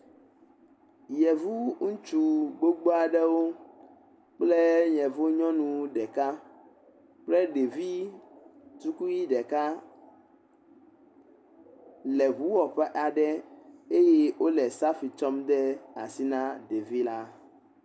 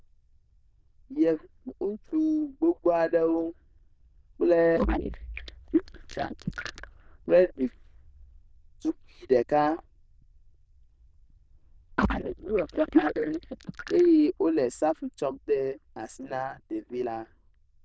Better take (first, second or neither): first